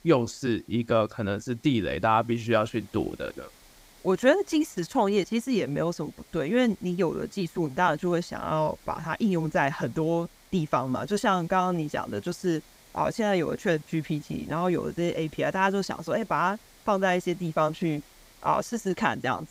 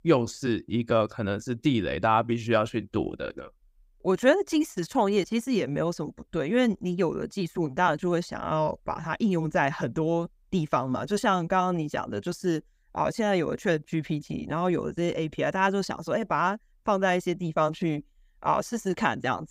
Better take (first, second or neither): second